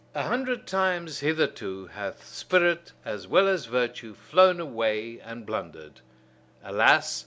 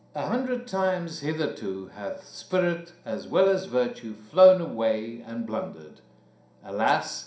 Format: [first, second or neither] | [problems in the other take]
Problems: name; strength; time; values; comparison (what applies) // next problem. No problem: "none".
first | room echo; dies away in 0.5 s